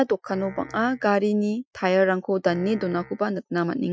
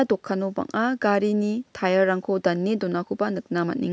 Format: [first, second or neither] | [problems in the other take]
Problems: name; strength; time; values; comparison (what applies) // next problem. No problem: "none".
second | noise reduction (classical method Wiener filter)